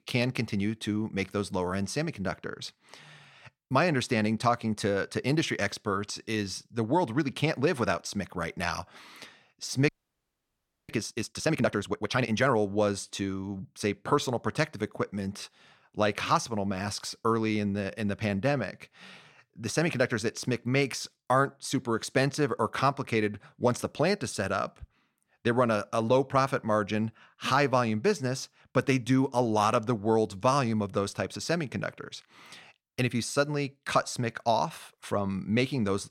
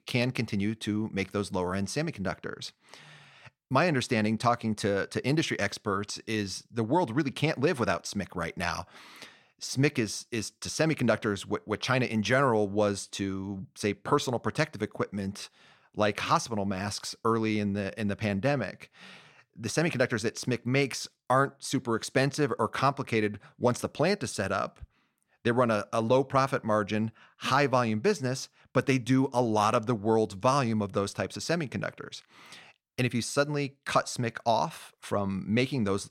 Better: second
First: audio freezing; at 10 s for 1 s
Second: none

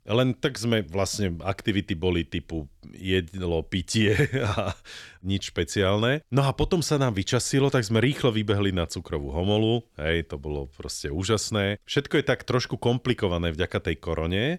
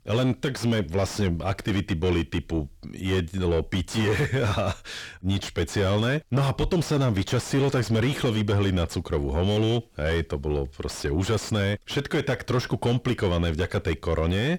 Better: first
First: none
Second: distortion; heavy; 7 dB below the speech

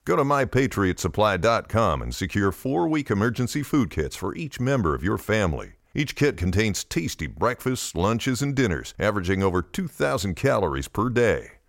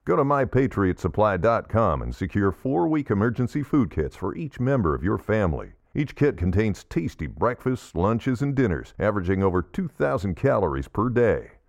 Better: first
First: none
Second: muffled; very; fading above 2.5 kHz

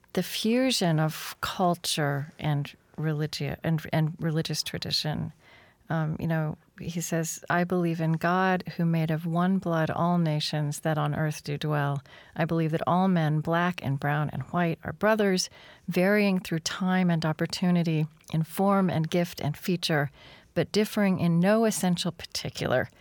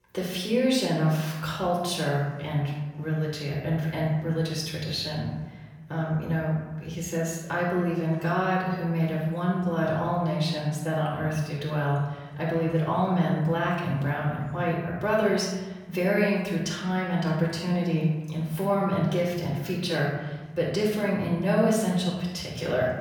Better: first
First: none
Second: off-mic speech; far // room echo; noticeable; dies away in 1.1 s

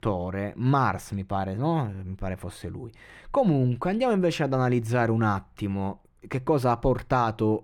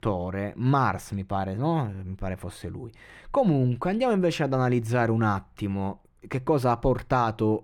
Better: neither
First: muffled; slightly; fading above 3 kHz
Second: muffled; slightly; fading above 3 kHz

